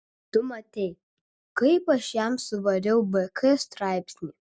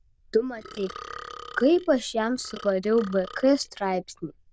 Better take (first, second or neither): first